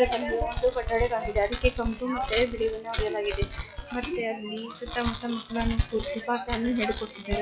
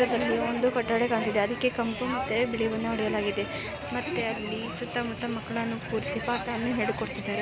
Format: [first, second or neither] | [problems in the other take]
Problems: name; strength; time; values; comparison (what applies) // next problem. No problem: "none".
second | noise reduction (classical method log-MMSE)